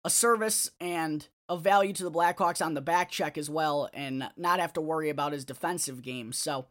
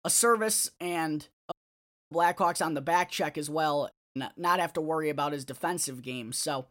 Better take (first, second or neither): first